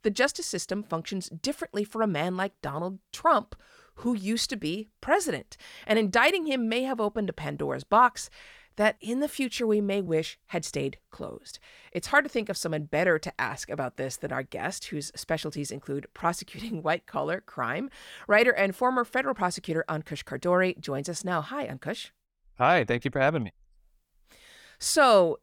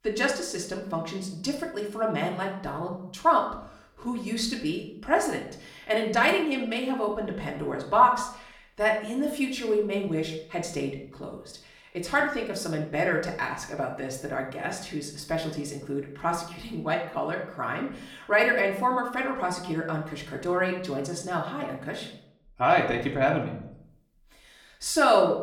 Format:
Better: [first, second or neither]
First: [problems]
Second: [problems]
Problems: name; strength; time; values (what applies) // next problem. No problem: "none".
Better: first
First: none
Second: off-mic speech; far // room echo; slight; dies away in 0.5 s